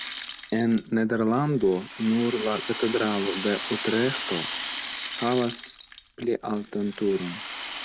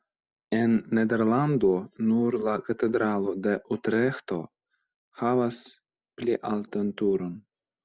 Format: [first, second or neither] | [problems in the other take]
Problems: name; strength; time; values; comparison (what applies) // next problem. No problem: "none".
second | background sound (Rattle (instrument)); 9 dB below the speech